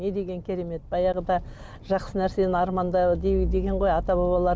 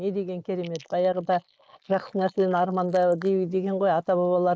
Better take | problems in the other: first | noise reduction (neural mask model Resemble Enhance denoiser)

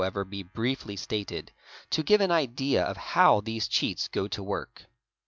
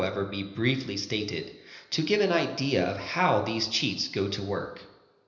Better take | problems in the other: first | room echo; dies away in 0.8 s

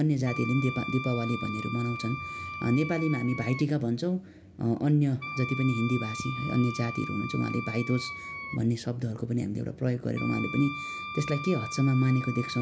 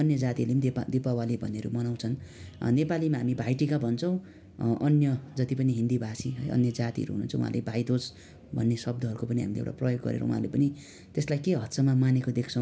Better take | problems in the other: second | background sound (Wind instrument, woodwind instrument); 10 dB below the speech

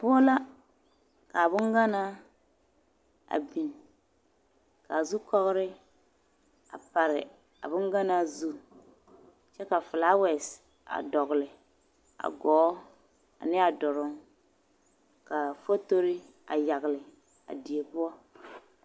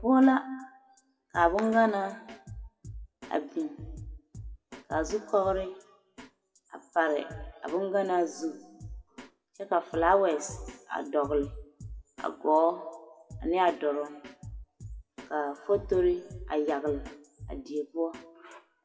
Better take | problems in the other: first | noise reduction (classical method WPE with log-MMSE)

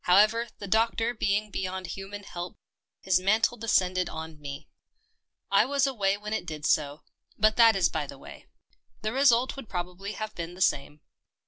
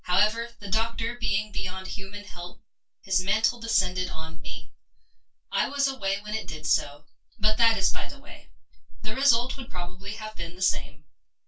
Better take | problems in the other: first | room echo; dies away in 0.1 s

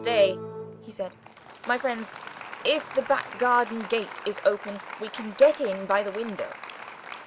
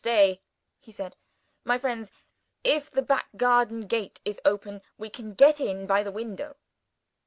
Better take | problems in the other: second | background sound (Applause); 12 dB below the speech

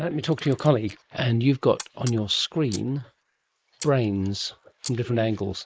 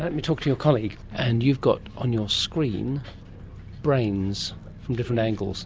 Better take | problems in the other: second | noise reduction (neural mask model Resemble Enhance denoiser)

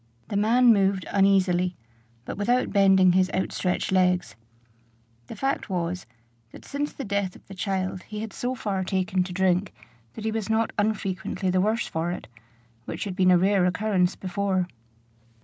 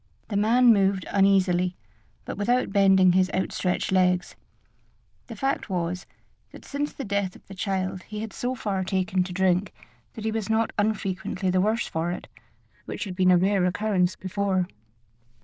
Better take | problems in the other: first | noise reduction (neural diffusion model UNIVERSE++)

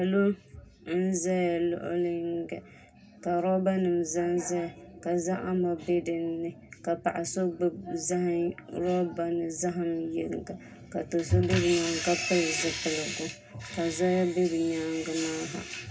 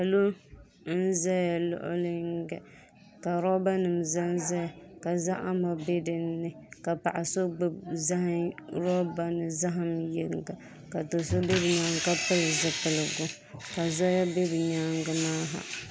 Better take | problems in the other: second | room echo; dies away in 0.2 s

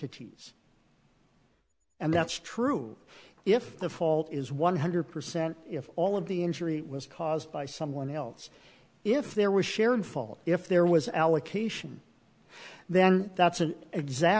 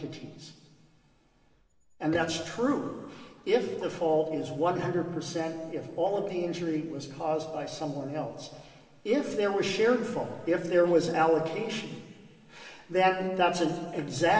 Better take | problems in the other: first | room echo; dies away in 1.9 s

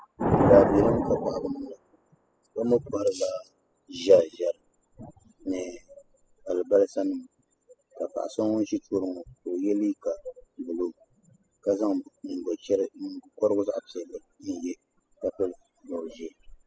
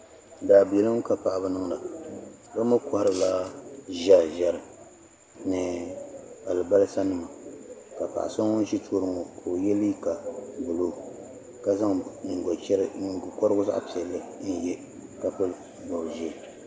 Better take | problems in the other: second | noise reduction (classical method spectral subtraction)

